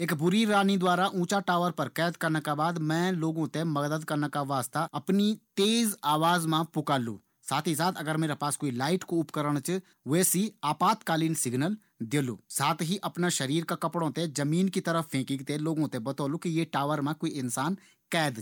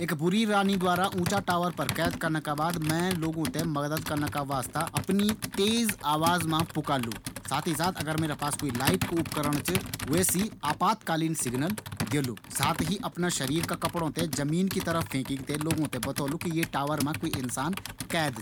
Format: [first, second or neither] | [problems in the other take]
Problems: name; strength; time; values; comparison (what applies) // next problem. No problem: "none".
first | background sound (Computer keyboard); 8 dB below the speech